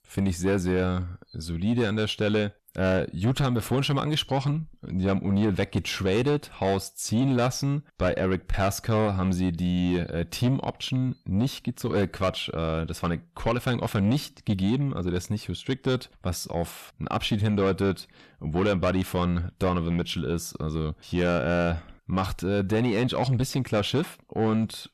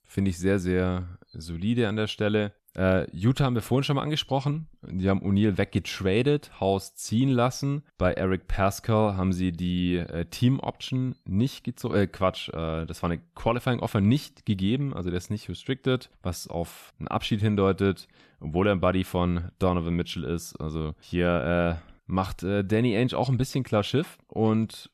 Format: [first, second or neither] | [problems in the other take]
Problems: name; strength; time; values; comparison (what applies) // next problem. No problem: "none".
second | distortion; slight; 10 dB below the speech